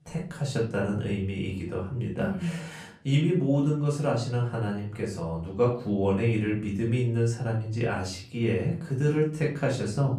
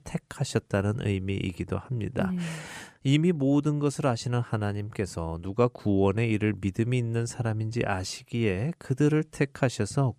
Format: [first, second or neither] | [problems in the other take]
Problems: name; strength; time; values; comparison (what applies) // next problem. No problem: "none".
second | off-mic speech; far // room echo; slight; dies away in 0.4 s